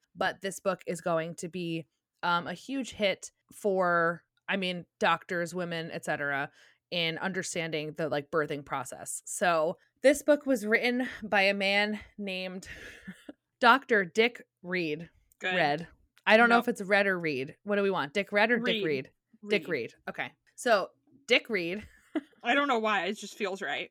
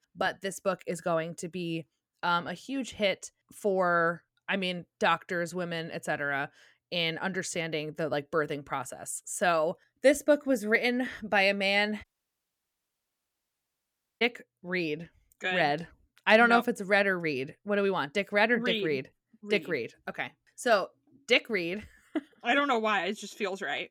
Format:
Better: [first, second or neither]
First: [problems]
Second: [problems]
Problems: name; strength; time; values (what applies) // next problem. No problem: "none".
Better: first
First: none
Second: audio cutting out; at 12 s for 2 s